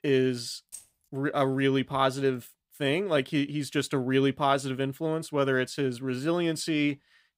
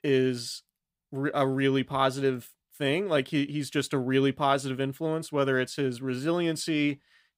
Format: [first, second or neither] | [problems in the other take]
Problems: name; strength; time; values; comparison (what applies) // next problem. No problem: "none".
second | jangling keys; faint; at 0.5 s; peak 20 dB below the speech